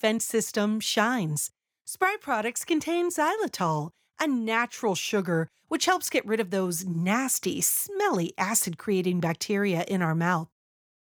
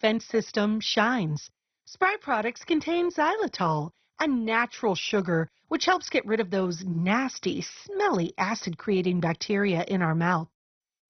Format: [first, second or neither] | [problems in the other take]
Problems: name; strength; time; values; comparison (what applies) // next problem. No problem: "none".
first | garbled, watery; badly; nothing above 6 kHz